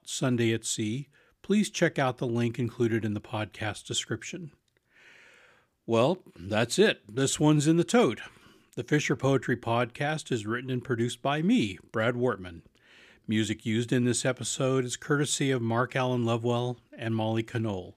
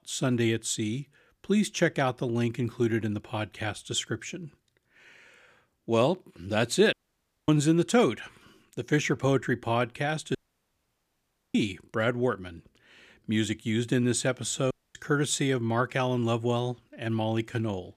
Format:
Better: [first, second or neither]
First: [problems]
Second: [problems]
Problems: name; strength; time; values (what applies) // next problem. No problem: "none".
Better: first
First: none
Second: audio cutting out; at 7 s for 0.5 s, at 10 s for 1 s and at 15 s